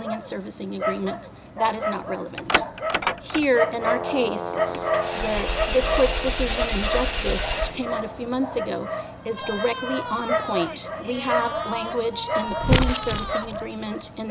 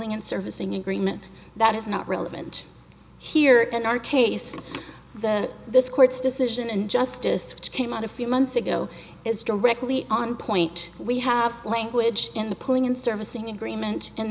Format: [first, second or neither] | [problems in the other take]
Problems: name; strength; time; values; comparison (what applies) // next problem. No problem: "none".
second | background sound (Dog + Engine / Vehicle); 1 dB above the speech